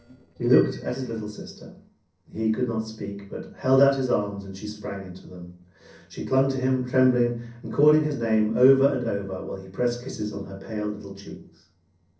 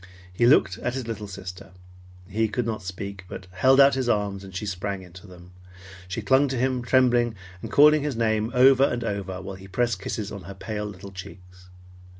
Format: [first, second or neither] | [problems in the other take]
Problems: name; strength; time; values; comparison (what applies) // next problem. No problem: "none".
second | noise reduction (neural separator model SepFormer DNS4)